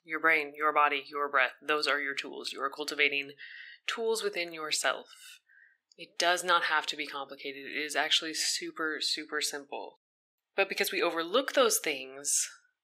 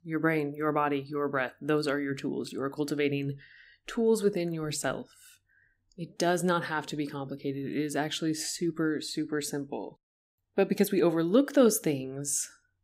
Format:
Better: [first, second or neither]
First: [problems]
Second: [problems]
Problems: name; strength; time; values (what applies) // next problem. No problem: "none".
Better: second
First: thin; very; fading below 650 Hz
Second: none